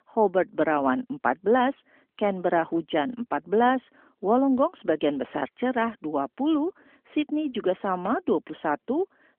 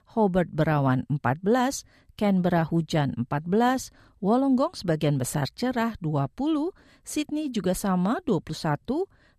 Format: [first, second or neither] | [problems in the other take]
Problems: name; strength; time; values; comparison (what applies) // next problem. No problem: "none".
second | phone-call audio; nothing above 3.5 kHz